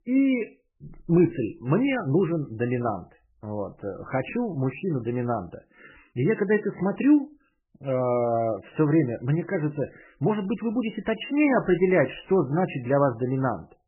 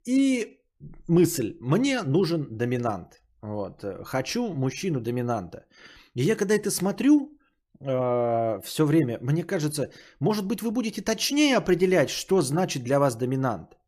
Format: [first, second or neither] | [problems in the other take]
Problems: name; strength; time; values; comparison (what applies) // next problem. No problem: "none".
second | garbled, watery; badly; nothing above 3 kHz